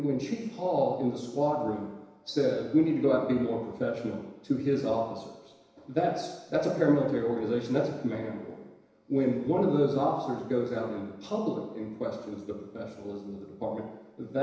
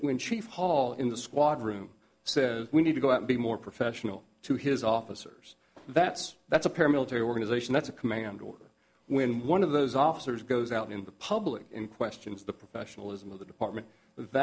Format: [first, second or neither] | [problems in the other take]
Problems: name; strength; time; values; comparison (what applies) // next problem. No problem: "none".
second | room echo; dies away in 1 s